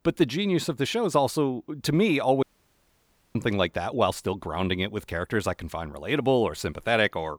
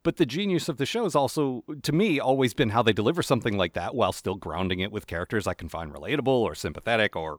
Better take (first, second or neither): second